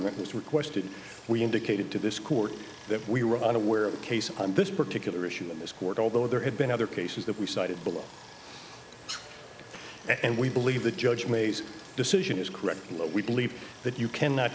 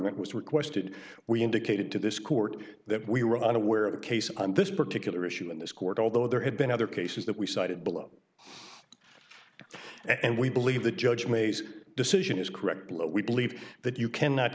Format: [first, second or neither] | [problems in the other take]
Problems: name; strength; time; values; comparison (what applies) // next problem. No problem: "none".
second | background sound (Stream); 18 dB below the speech